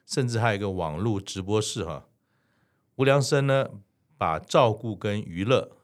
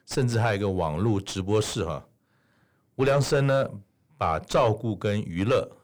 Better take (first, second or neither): first